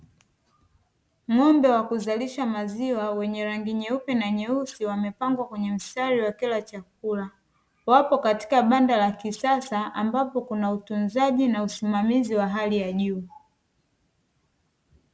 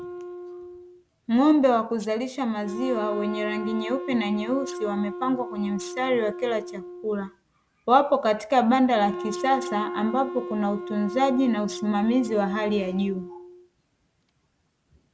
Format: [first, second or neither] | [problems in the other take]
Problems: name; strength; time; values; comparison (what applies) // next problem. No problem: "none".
first | background sound (Wind instrument, woodwind instrument); 11 dB below the speech